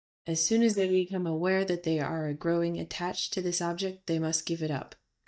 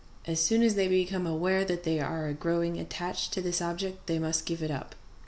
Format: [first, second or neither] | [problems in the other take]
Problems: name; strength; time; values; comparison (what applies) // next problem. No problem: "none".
second | noise reduction (neural mask model DeepFilterNet 3)